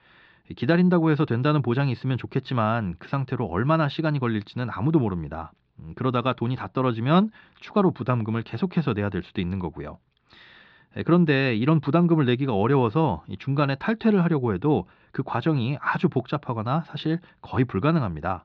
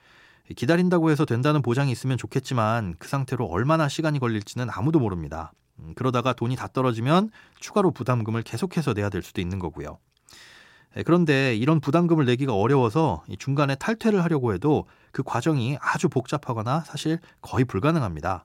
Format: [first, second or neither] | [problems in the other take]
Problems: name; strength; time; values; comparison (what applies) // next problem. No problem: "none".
second | muffled; very slightly; fading above 4 kHz